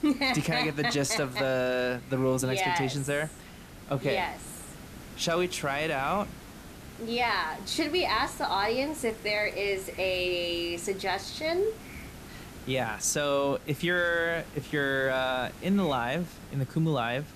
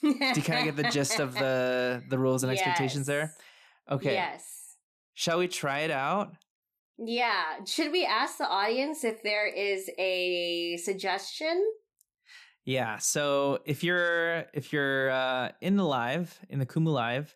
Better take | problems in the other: second | hiss; noticeable; throughout; 15 dB below the speech

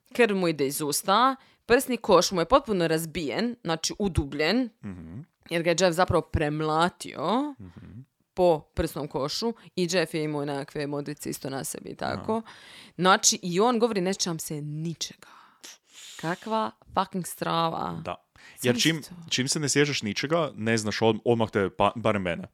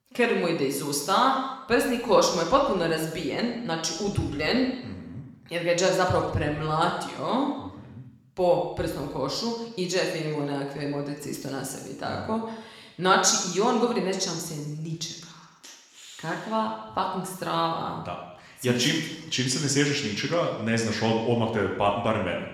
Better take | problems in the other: first | room echo; noticeable; dies away in 0.9 s // off-mic speech; somewhat distant

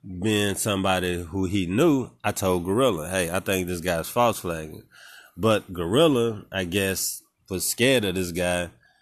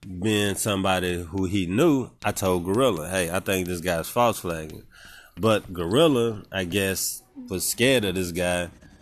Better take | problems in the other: first | household noises; faint; throughout; 25 dB below the speech

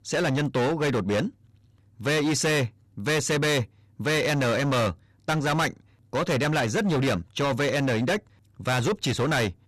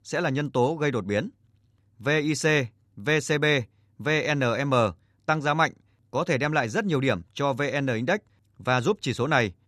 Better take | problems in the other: second | distortion; heavy; 23% of the sound clipped

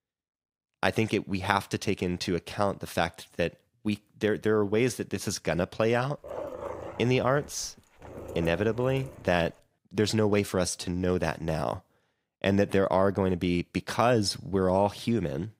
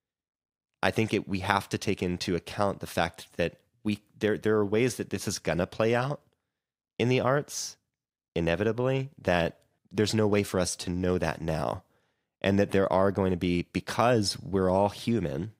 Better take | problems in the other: second | dog barking; noticeable; from 6 to 9.5 s; peak 8 dB below the speech

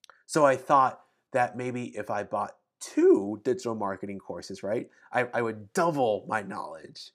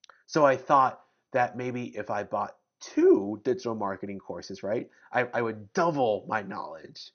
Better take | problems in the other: first | garbled, watery; slightly; nothing above 6.5 kHz

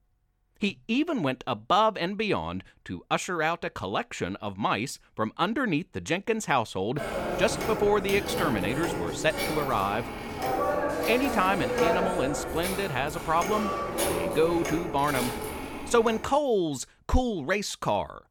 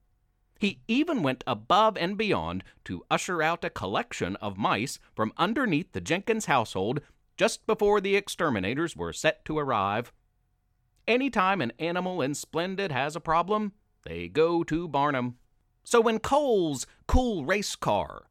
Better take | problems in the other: second | phone ringing; loud; from 7 to 16 s; peak 2 dB above the speech

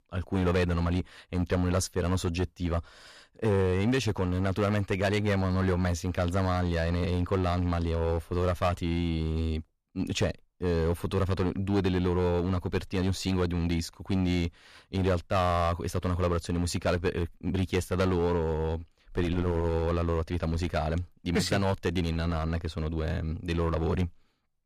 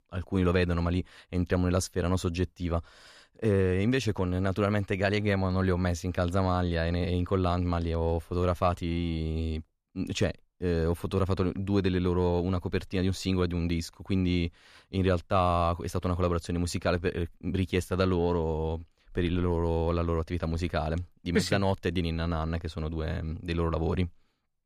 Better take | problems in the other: second | distortion; slight; 7% of the sound clipped

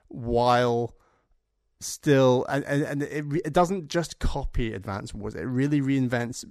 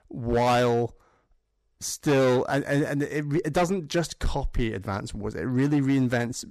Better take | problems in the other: first | distortion; slight; 7% of the sound clipped

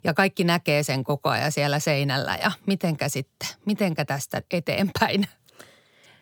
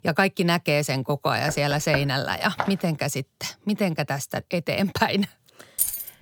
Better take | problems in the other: first | door banging; noticeable; at 1.5 s; peak 6 dB below the speech // footsteps; noticeable; at 2.5 s; peak 7 dB below the speech // jangling keys; loud; at 6 s; peak level with the speech

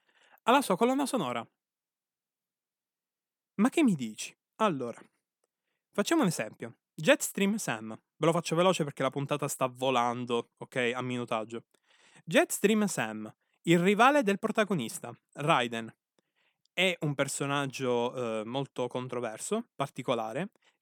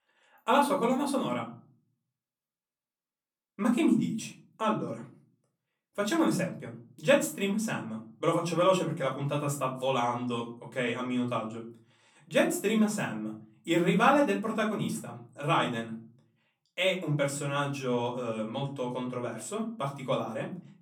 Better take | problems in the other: first | off-mic speech; far // room echo; slight; dies away in 0.5 s

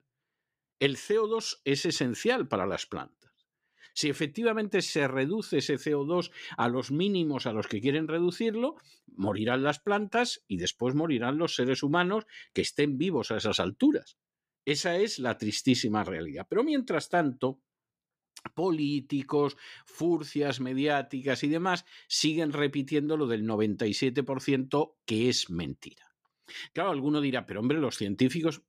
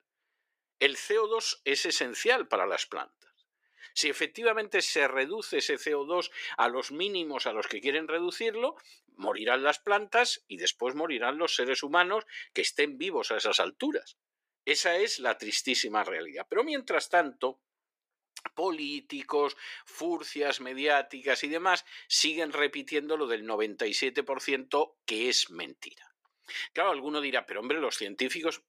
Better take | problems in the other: first | thin; very; fading below 450 Hz

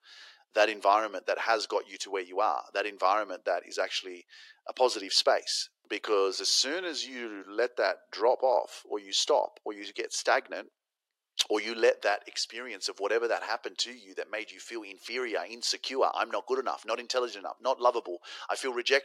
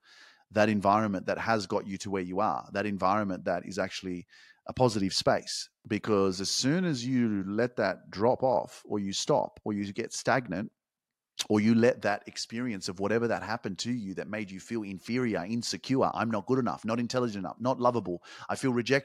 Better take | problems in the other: second | thin; very; fading below 350 Hz

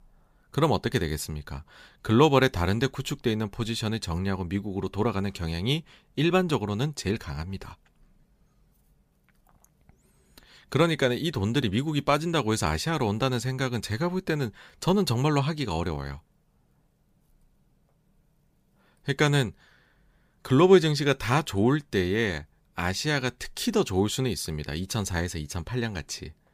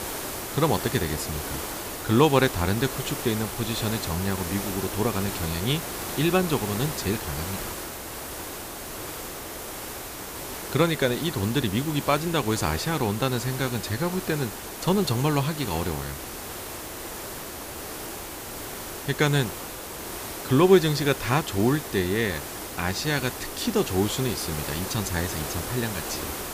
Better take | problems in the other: first | hiss; loud; throughout; 7 dB below the speech

